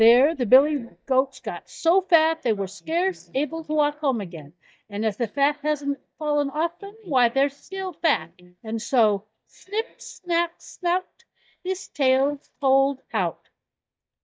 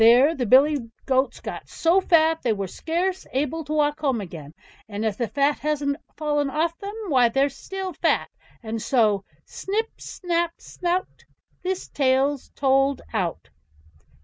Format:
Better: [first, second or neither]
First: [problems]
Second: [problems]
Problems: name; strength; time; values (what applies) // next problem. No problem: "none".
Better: second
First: noise reduction (neural mask model DeepFilterNet 3)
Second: none